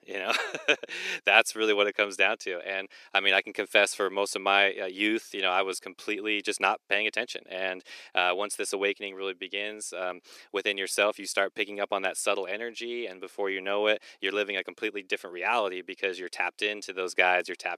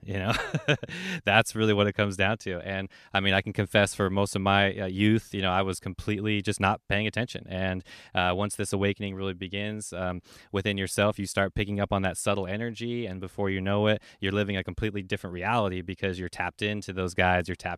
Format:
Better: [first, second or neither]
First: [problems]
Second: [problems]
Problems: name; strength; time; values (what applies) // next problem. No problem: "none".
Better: second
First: thin; very; fading below 350 Hz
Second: none